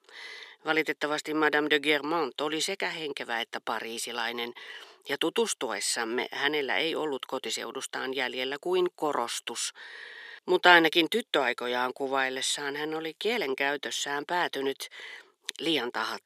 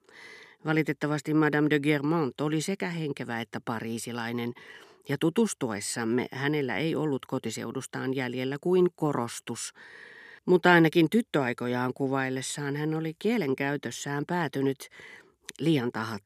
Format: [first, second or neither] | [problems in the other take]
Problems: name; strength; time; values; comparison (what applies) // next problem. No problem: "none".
second | thin; somewhat; fading below 550 Hz